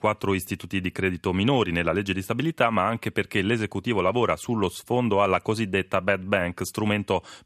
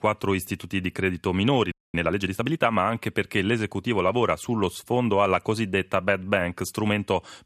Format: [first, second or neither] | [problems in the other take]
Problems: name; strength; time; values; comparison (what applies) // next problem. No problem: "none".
first | audio freezing; at 1.5 s